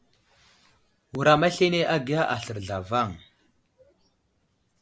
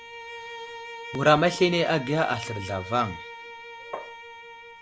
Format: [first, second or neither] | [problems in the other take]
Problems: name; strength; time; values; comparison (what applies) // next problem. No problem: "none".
first | background sound (Tap + Bowed string instrument); 12 dB below the speech